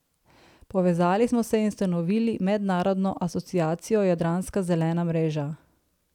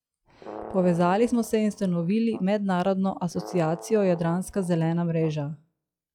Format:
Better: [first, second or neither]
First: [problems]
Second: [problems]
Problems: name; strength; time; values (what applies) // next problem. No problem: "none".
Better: first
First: none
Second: noise reduction (classical method log-MMSE)